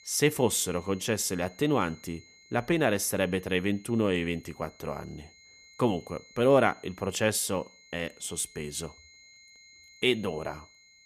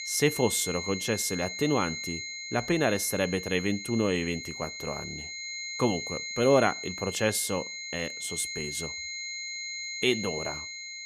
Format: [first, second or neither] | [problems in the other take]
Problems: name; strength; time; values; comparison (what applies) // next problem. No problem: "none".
first | high-pitched whine; loud; throughout; 2 kHz, 6 dB below the speech; faint in the first